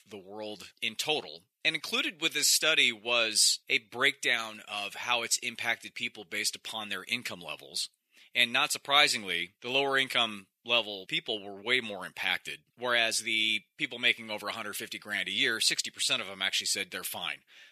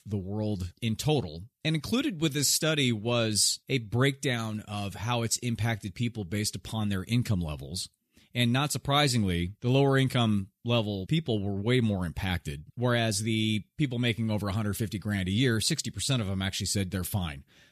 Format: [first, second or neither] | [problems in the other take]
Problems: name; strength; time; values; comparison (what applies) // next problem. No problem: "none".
second | thin; very; fading below 550 Hz